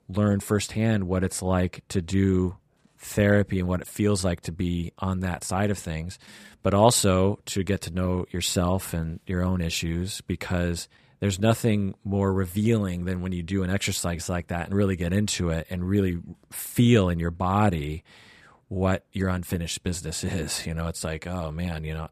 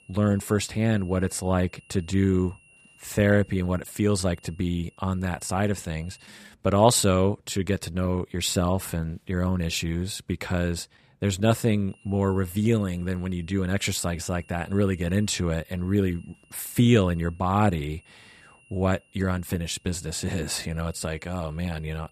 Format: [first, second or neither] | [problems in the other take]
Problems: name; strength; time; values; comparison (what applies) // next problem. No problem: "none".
first | high-pitched whine; faint; until 6.5 s and from 12 s on; 3 kHz, 30 dB below the speech